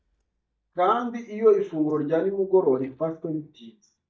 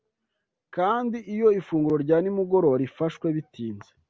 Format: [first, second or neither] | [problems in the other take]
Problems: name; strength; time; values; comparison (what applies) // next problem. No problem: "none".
second | noise reduction (neural mask model DeepFilterNet 3)